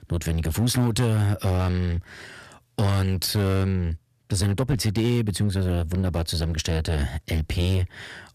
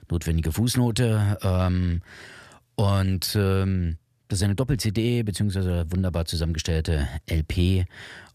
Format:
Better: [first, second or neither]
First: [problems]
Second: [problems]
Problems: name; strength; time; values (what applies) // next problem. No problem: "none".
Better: second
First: distortion; slight; 14% of the sound clipped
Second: none